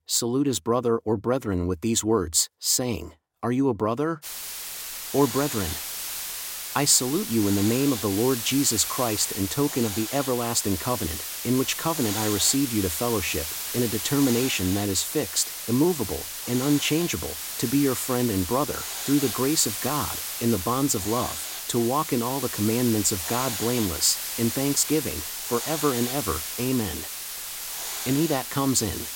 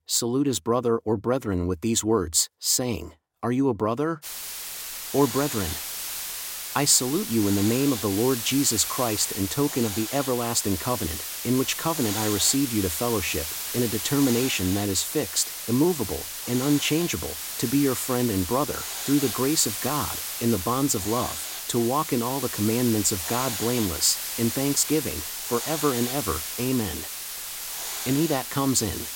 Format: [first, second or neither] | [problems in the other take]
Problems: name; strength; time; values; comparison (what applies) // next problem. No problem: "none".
neither | hiss; loud; from 4 s on; 5 dB below the speech; the same in both